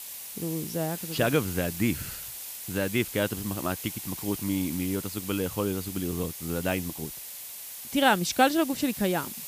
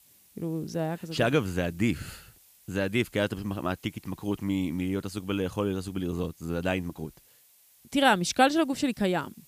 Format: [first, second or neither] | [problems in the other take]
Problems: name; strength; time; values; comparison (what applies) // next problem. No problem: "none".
second | hiss; loud; throughout; 8 dB below the speech; faint in the second